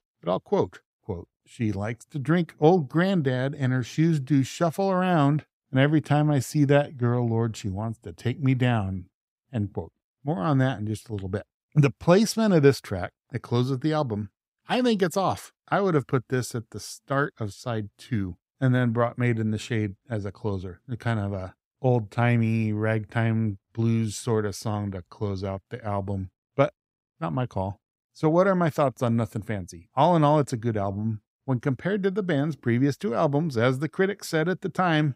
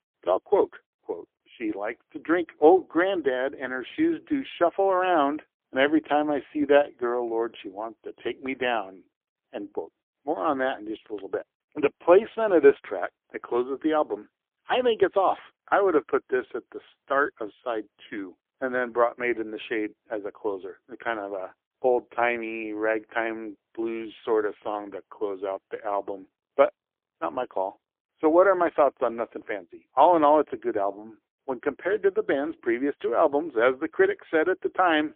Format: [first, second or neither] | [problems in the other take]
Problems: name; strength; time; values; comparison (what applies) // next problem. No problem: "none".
first | phone-call audio; poor line; nothing above 3.5 kHz